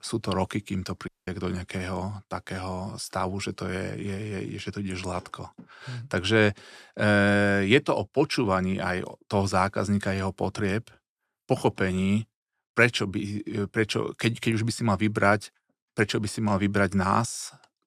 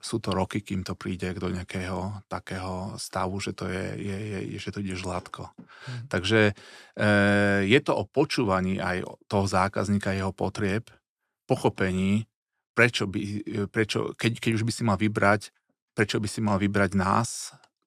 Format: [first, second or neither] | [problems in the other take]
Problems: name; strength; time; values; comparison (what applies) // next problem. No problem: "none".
second | audio cutting out; at 1 s